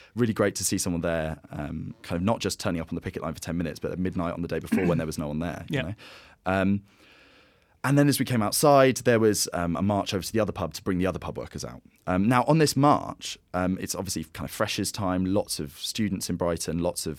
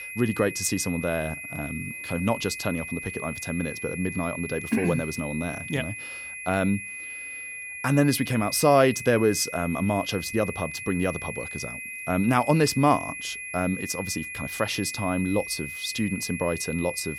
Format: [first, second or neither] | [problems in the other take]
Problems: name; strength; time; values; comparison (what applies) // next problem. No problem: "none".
first | high-pitched whine; loud; throughout; 2.5 kHz, 8 dB below the speech